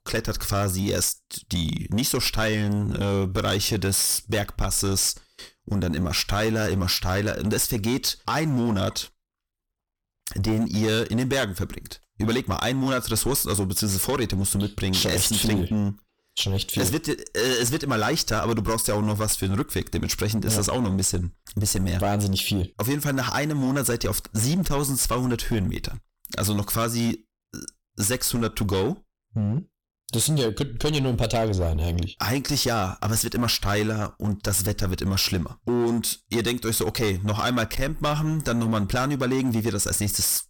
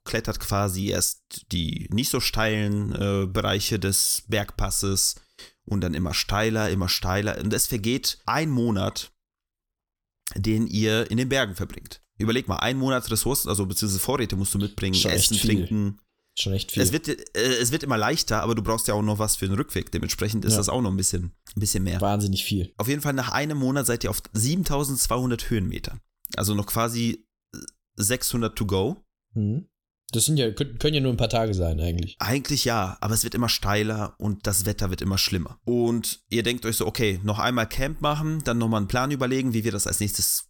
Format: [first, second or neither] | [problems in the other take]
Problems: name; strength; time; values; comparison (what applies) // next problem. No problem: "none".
second | distortion; slight; 12% of the sound clipped